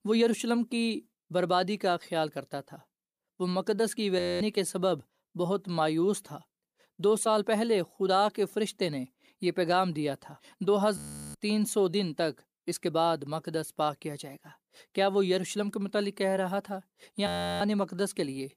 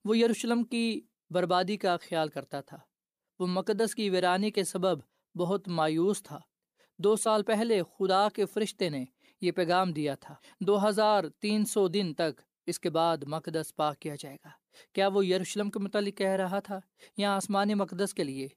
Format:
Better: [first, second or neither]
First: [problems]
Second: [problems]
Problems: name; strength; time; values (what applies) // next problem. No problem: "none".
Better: second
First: audio freezing; at 4 s, at 11 s and at 17 s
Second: none